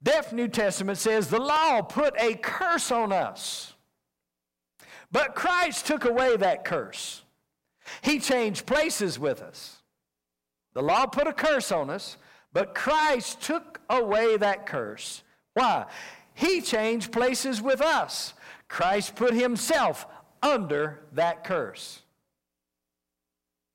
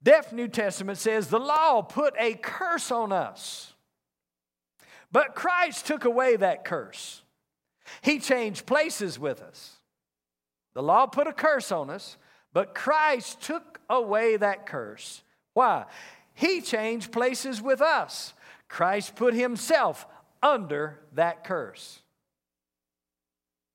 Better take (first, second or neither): second